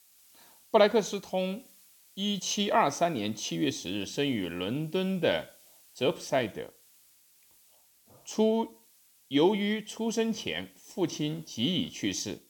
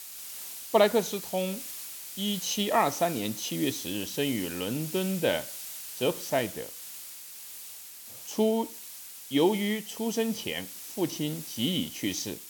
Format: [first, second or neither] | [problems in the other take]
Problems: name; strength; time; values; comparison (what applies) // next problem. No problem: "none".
first | hiss; loud; throughout; 9 dB below the speech; faint in the first